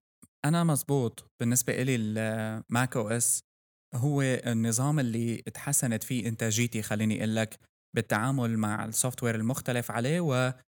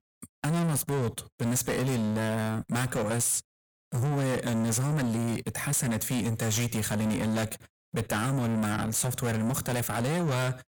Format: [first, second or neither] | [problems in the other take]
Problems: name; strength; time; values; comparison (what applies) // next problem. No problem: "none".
first | distortion; heavy; 6 dB below the speech